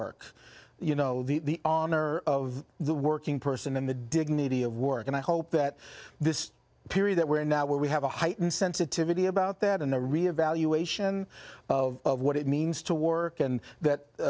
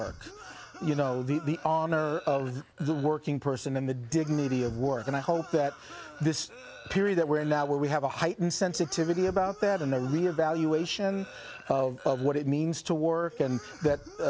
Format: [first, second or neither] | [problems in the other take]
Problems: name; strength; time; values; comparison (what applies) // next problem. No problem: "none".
first | background sound (Cough); 19 dB below the speech